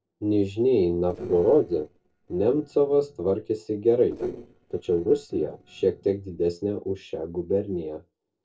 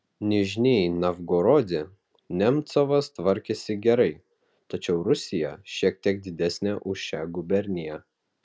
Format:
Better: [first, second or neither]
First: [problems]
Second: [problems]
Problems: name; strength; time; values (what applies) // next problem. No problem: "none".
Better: second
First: noise reduction (neural separator model SepFormer DNS4)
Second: none